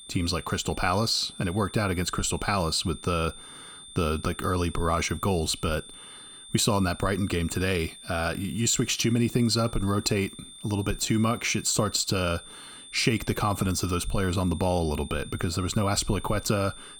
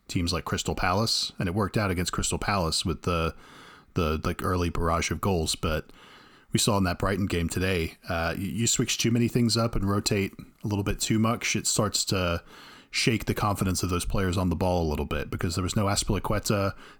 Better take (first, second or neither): second